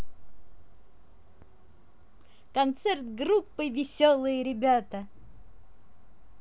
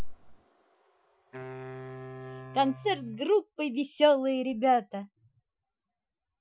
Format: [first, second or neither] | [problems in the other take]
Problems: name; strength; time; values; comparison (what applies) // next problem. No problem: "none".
first | noise reduction (classical method Wiener filter)